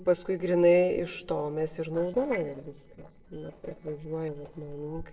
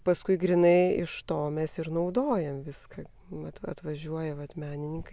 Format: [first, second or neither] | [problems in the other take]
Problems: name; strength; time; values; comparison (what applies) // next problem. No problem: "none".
second | noise reduction (neural separator model SepFormer DNS4)